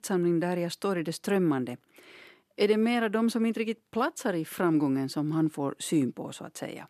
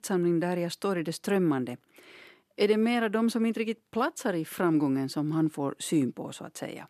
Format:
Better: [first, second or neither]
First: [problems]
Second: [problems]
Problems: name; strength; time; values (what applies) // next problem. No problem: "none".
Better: neither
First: none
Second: none